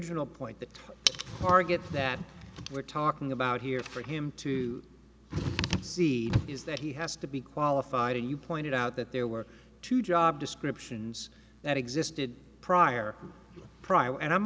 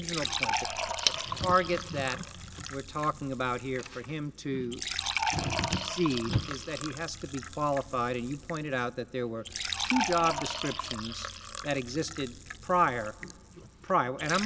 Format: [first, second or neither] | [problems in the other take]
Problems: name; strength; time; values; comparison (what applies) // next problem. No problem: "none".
first | background sound (Fill (with liquid) / Trickle, dribble); 5 dB below the speech